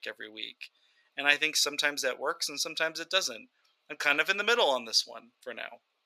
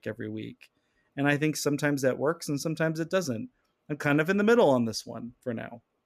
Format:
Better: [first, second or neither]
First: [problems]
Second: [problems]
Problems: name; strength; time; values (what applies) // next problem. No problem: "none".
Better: second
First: thin; very; fading below 750 Hz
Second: none